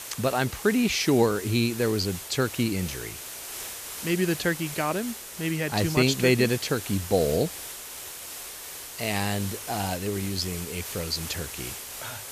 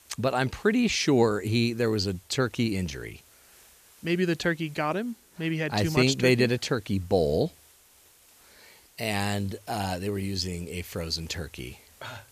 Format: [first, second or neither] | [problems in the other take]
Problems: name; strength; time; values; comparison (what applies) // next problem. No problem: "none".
second | hiss; loud; throughout; 9 dB below the speech; faint in the second